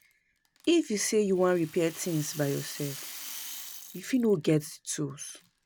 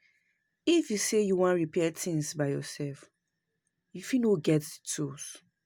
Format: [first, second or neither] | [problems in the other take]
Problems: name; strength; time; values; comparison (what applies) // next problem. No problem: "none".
second | background sound (Rattle); 16 dB below the speech